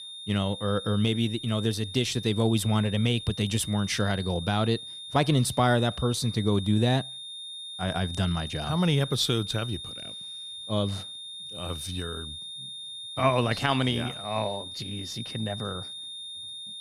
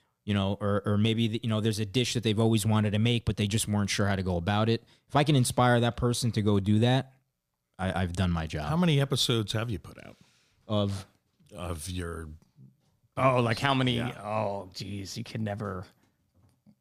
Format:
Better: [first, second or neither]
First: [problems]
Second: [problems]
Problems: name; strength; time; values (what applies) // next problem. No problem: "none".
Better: second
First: high-pitched whine; loud; throughout; 3.5 kHz, 9 dB below the speech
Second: none